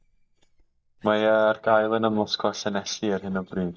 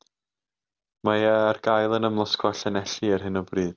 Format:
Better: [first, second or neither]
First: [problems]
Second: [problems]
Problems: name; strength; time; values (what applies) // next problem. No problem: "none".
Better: second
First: noise reduction (neural mask model DeepFilterNet 3)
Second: none